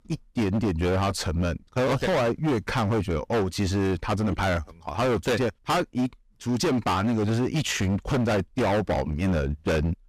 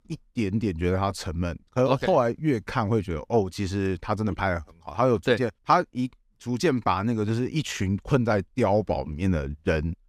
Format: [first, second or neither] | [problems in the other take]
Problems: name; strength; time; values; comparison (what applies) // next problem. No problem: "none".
second | distortion; heavy; 23% of the sound clipped